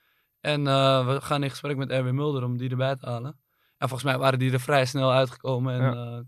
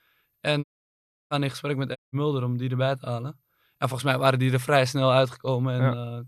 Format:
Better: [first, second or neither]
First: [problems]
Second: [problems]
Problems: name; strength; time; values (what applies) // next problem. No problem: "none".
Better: first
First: none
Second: audio cutting out; at 0.5 s for 0.5 s and at 2 s